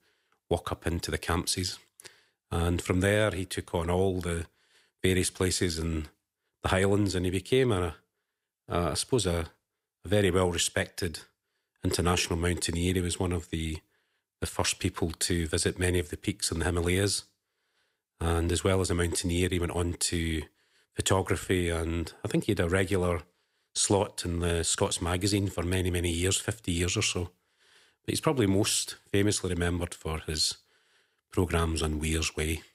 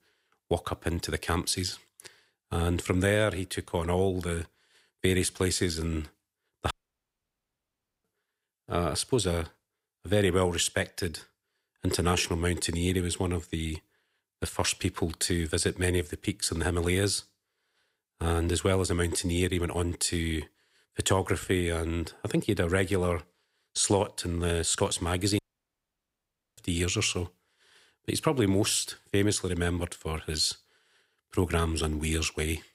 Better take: first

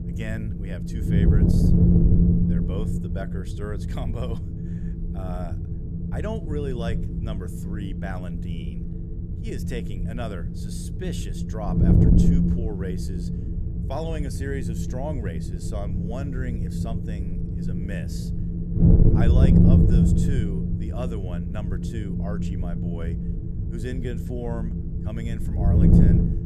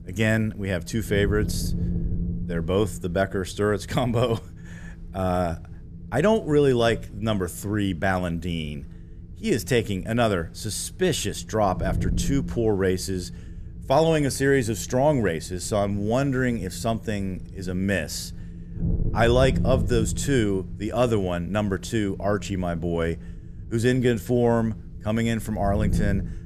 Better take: second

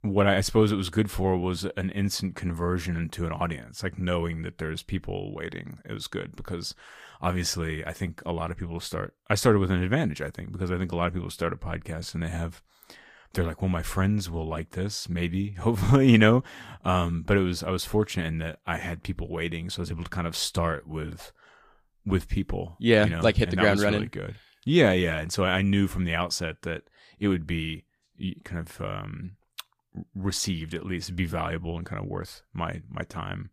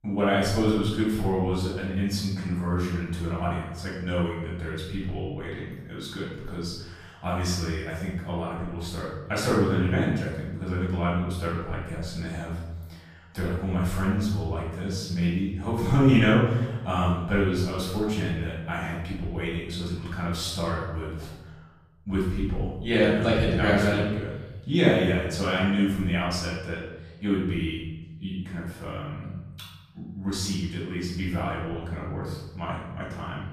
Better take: first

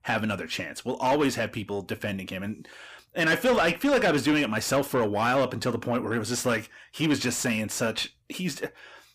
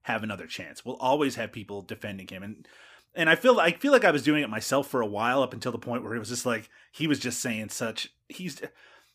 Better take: second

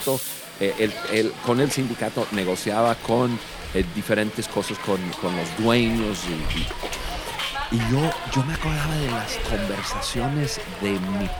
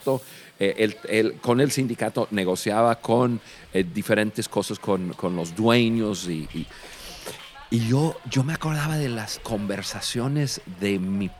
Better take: second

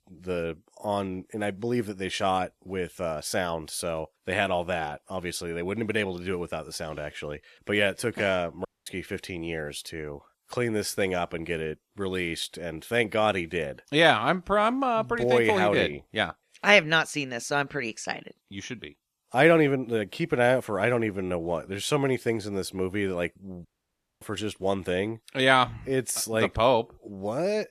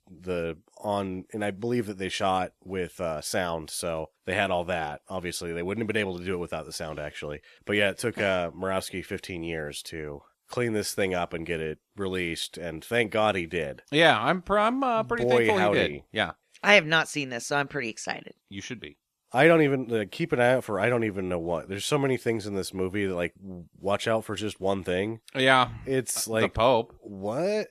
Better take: second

